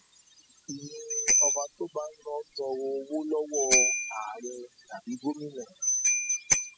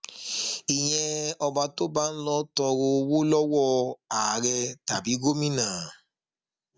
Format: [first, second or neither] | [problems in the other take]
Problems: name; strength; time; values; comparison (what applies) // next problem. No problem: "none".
second | noise reduction (classical method spectral subtraction)